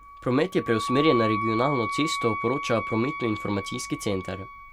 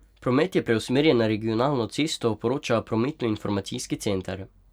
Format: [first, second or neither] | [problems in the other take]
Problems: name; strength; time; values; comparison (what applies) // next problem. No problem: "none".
second | background sound (Wind instrument, woodwind instrument); 6 dB below the speech